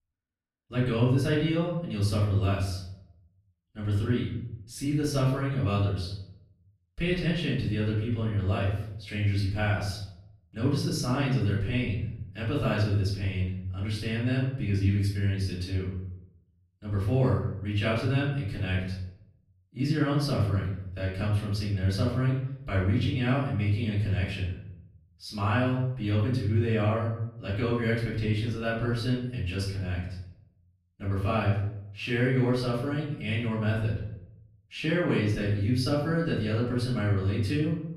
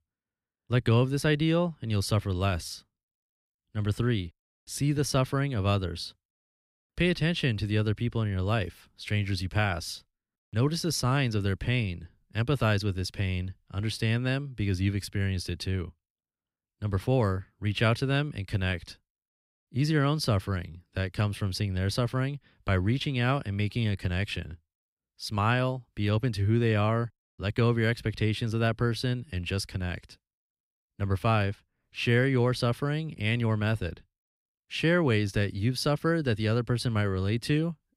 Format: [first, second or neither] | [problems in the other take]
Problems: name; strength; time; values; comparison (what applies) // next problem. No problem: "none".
second | off-mic speech; far // room echo; noticeable; dies away in 0.7 s